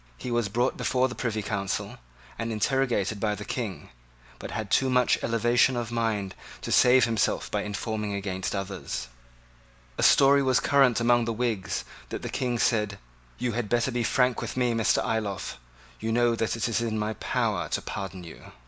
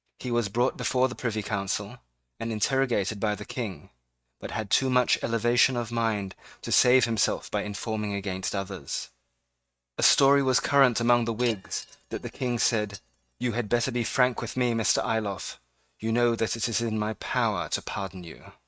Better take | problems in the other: first | noise reduction (neural mask model RNNoise)

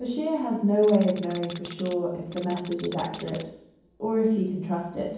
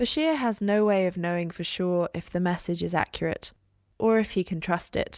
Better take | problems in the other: second | background sound (Tools); 17 dB below the speech // room echo; dies away in 1.2 s

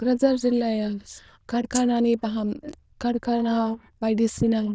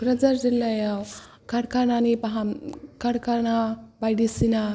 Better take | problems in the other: second | noise reduction (neural diffusion model UNIVERSE++)

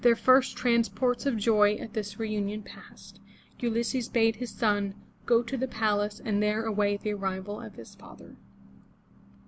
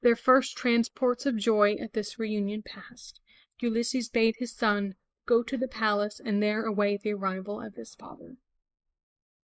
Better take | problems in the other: first | noise reduction (neural mask model Resemble Enhance denoiser)

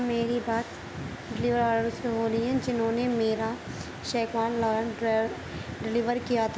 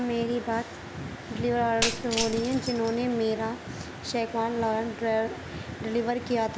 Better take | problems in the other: first | background sound (Shatter); 7 dB below the speech

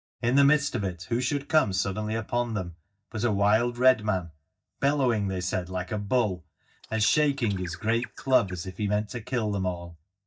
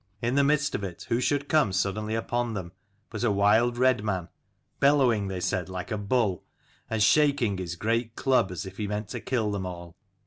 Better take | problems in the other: second | noise reduction (neural mask model DeepFilterNet 3)

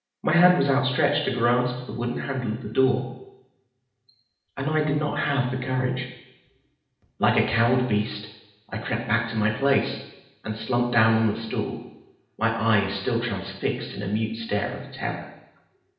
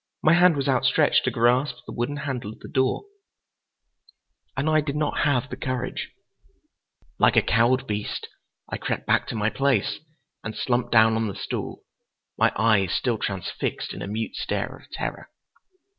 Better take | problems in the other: second | room echo; dies away in 0.8 s

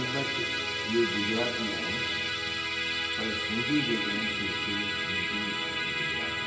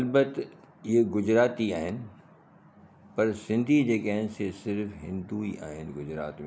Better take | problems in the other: second | background sound (Musical instrument); 4 dB above the speech // room echo; dies away in 2.5 s

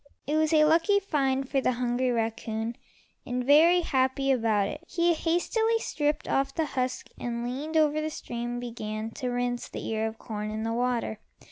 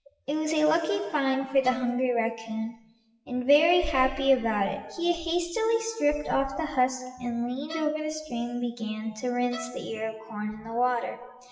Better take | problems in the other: first | noise reduction (classical method WPE with log-MMSE)

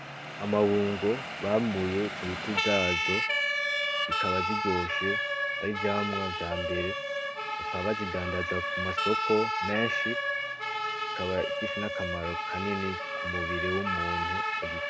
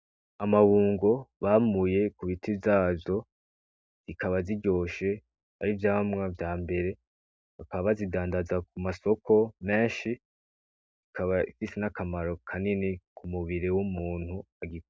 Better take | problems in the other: second | background sound (Siren); 1 dB above the speech

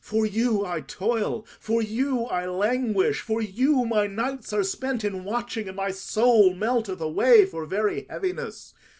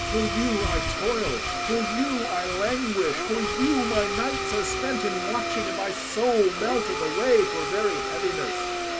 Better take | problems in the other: first | background sound (Domestic sounds, home sounds + Dog); 2 dB below the speech

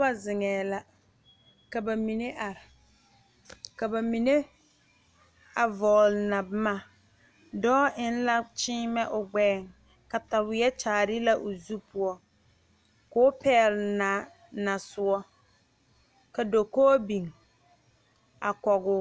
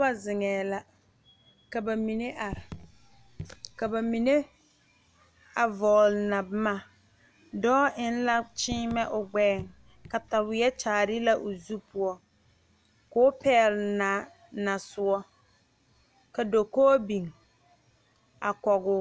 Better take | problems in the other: first | background sound (Raindrop / Drip); 17 dB below the speech

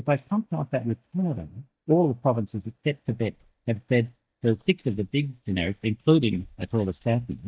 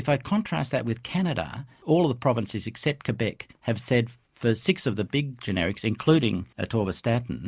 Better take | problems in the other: second | noise reduction (neural mask model DeepFilterNet 3)

